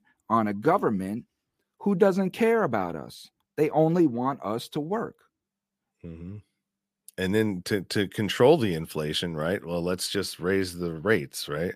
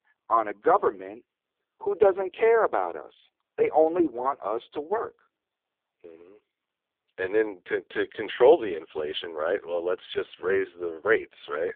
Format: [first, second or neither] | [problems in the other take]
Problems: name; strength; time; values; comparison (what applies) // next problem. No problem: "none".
first | phone-call audio; poor line; nothing above 3.5 kHz